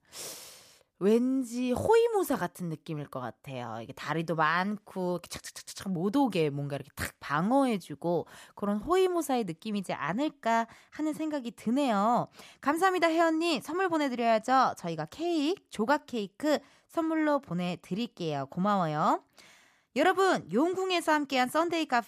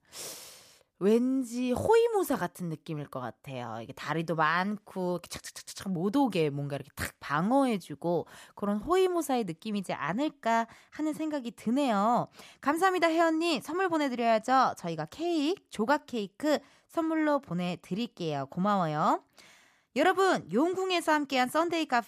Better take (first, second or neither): neither